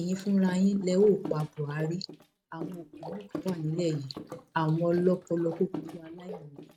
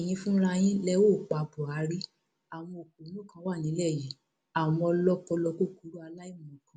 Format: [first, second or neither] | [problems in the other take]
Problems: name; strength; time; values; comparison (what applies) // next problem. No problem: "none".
second | noise reduction (neural mask model RNNoise)